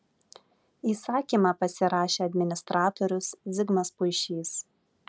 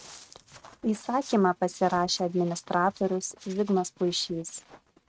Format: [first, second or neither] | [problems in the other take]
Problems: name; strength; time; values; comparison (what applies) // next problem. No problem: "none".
first | noise reduction (neural mask model RNNoise)